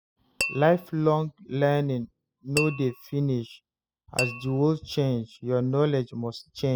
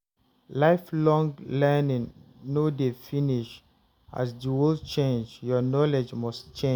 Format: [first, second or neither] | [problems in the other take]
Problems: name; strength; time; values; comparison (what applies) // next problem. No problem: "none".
second | noise reduction (classical method spectral subtraction)